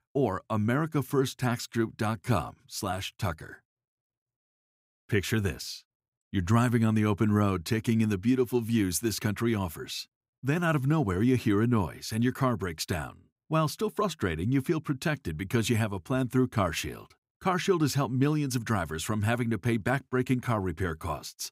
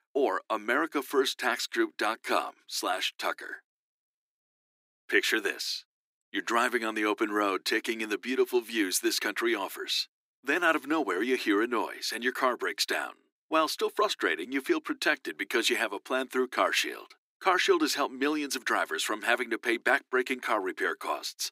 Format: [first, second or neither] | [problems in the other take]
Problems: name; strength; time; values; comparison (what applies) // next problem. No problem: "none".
first | thin; very; fading below 300 Hz